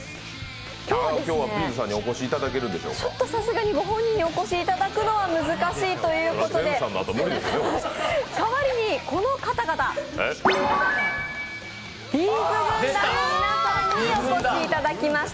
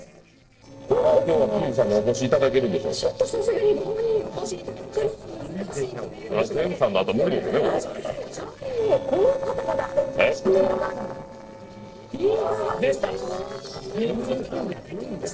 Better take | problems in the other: first | noise reduction (neural separator model SepFormer DNS4)

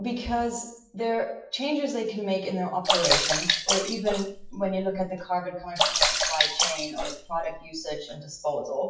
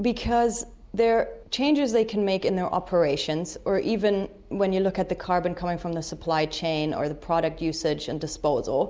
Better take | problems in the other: second | noise reduction (classical method WPE with log-MMSE)

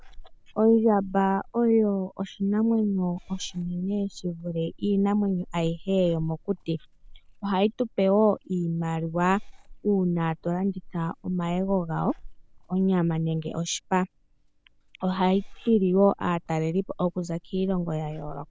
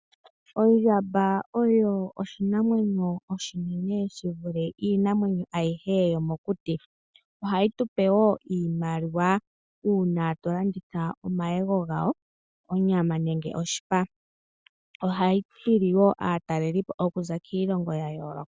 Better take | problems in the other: second | background sound (Meow / Purr); 19 dB below the speech

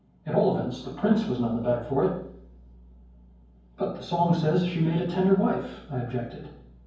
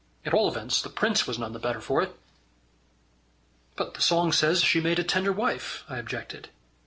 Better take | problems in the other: second | room echo; dies away in 0.9 s

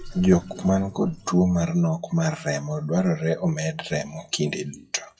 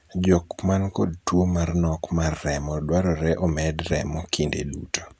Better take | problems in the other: second | noise reduction (classical method WPE with log-MMSE)

